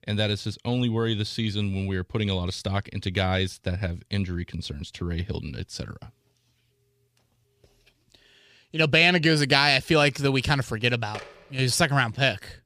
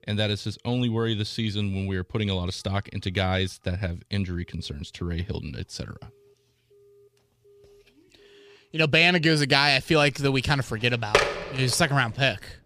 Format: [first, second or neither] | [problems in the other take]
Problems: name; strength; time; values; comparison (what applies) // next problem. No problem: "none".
first | alarms or sirens; loud; throughout; 4 dB below the speech; faint in the first